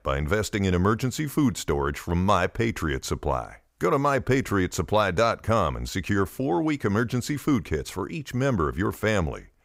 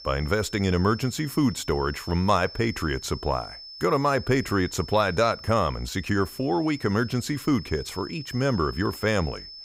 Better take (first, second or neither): first